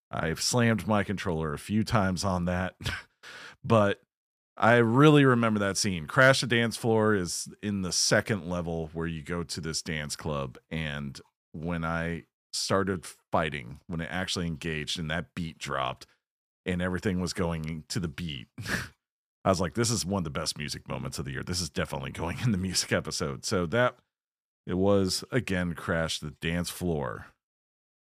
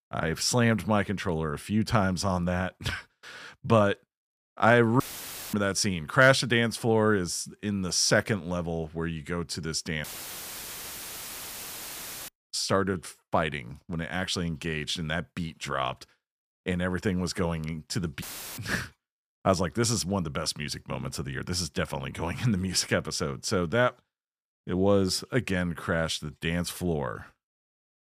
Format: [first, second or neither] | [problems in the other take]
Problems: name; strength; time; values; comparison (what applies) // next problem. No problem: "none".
first | audio cutting out; filled with static; at 5 s for 0.5 s, at 10 s for 2 s and at 18 s